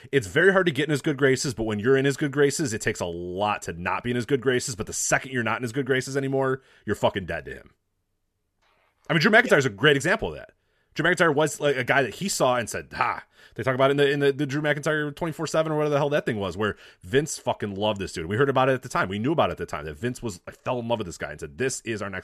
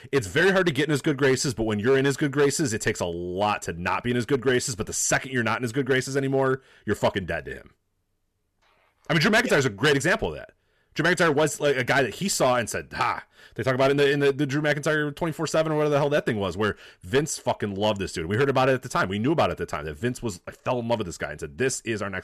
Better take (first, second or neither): first